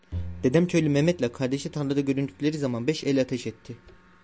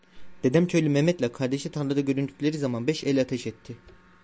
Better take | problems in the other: second | background sound (Bowed string instrument); 16 dB below the speech

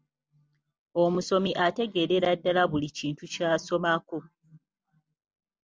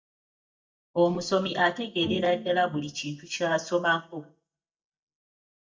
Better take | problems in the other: first | noise reduction (neural mask model DeepFilterNet 3)

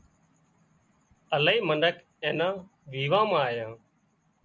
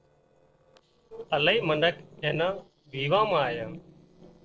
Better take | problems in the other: first | noise reduction (neural separator model SepFormer DNS4)

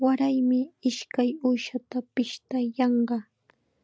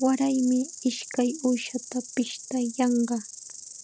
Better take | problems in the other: first | background sound (Insect); 14 dB below the speech

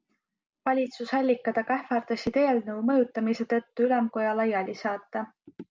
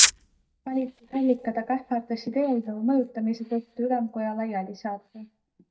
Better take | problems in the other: first | noise reduction (neural mask model DeepFilterNet 3)

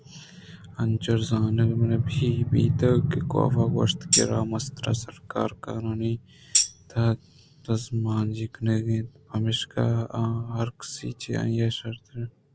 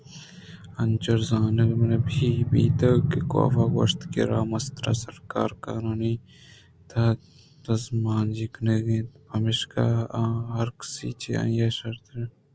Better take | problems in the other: second | background sound (Tambourine); 2 dB below the speech

